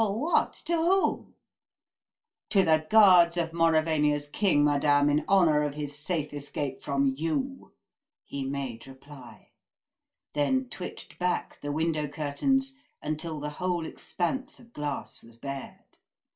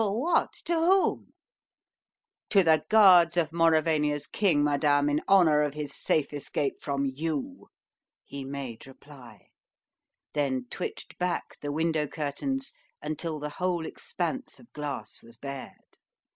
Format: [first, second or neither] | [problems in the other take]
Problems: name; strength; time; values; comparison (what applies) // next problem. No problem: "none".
second | room echo; dies away in 0.2 s